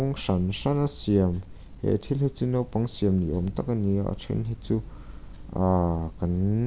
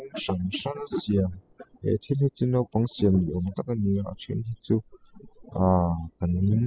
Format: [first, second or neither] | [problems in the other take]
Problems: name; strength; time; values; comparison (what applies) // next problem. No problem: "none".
first | noise reduction (classical method spectral subtraction)